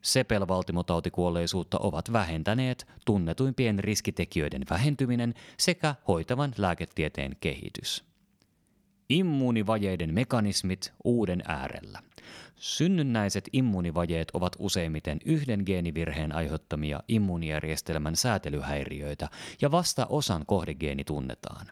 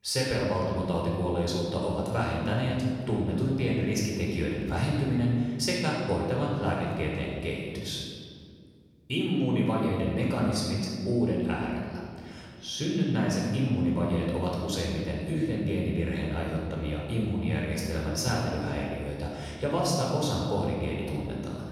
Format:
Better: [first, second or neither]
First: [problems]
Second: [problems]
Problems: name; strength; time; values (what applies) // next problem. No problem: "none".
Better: first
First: none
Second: off-mic speech; far // room echo; noticeable; dies away in 1.9 s